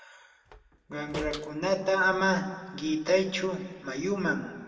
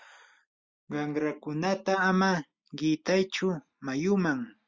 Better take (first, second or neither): second